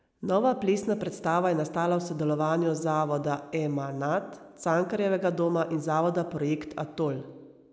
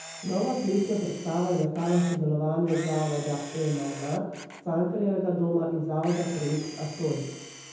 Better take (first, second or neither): first